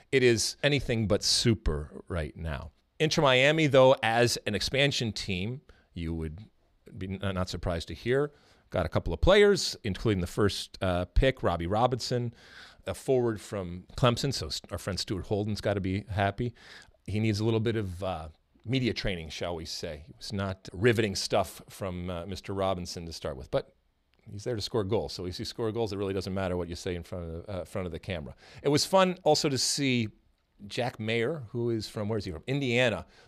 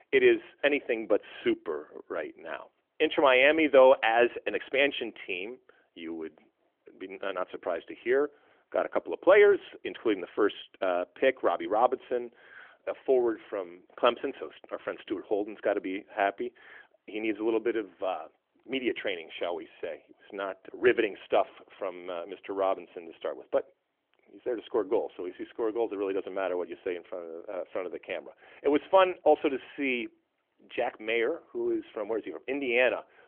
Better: first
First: none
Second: phone-call audio; nothing above 3.5 kHz

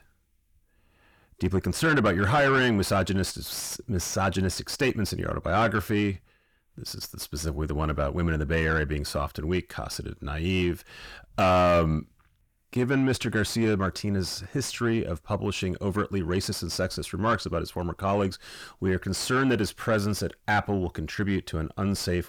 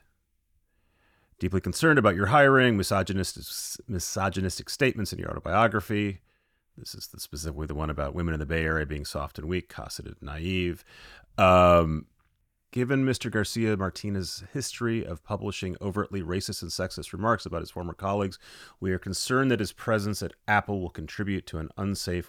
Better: second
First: distortion; heavy; 7 dB below the speech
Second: none

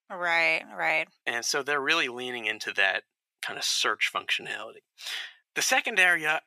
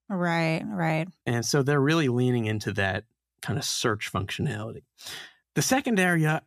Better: second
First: thin; very; fading below 650 Hz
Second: none

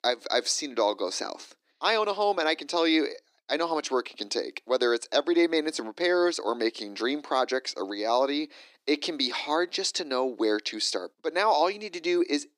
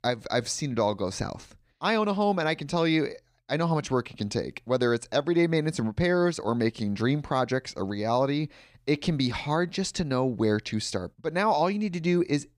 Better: second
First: thin; somewhat; fading below 300 Hz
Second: none

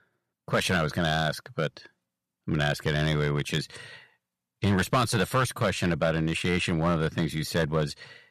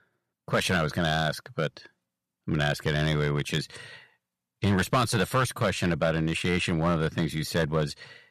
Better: neither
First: distortion; slight; 3% of the sound clipped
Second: distortion; slight; 3% of the sound clipped

